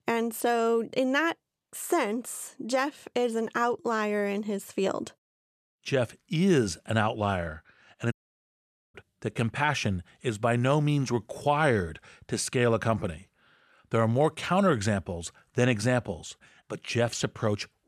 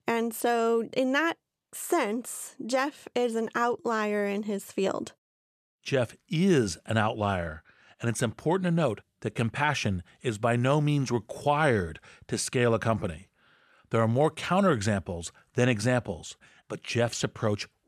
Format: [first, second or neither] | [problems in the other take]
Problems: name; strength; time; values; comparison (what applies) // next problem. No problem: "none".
second | audio cutting out; at 8 s for 1 s